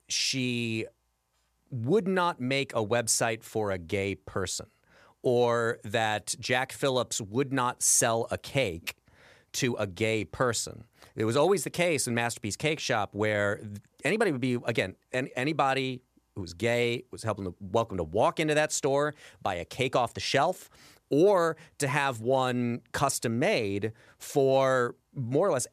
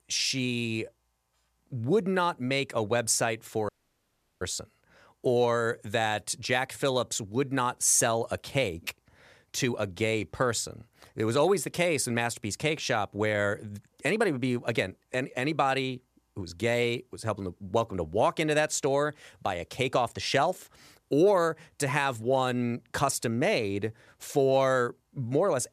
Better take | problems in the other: first | audio cutting out; at 3.5 s for 0.5 s

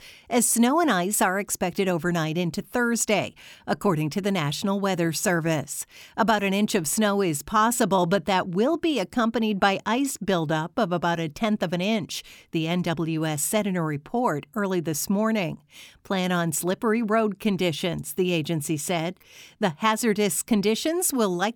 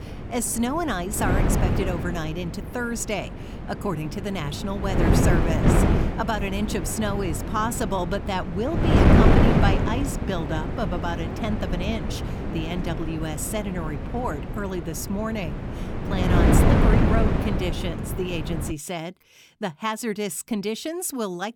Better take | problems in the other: first | wind noise on the microphone; heavy; until 19 s; as loud as the speech

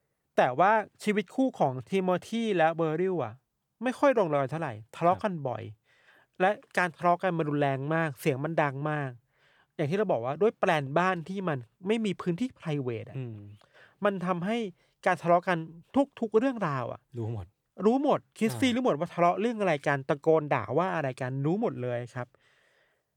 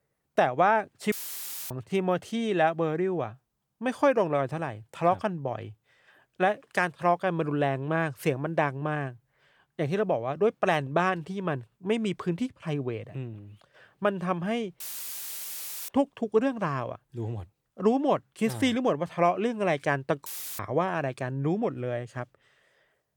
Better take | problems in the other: first | audio cutting out; filled with static; at 1 s for 0.5 s, at 15 s for 1 s and at 20 s

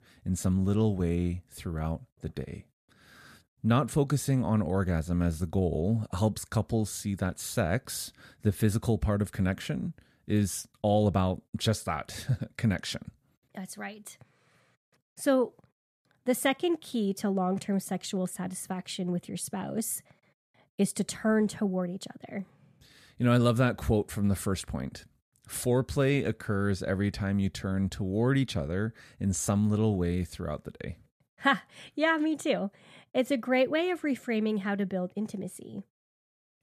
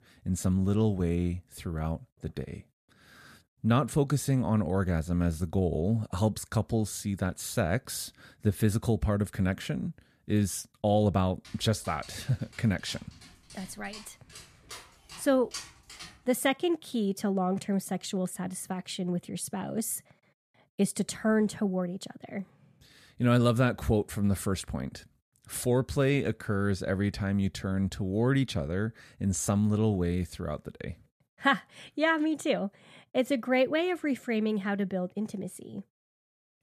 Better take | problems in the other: first | dog barking; faint; from 11 to 16 s; peak 10 dB below the speech

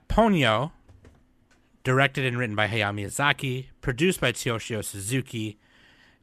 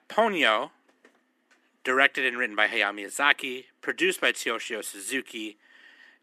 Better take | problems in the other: first | thin; somewhat; fading below 250 Hz

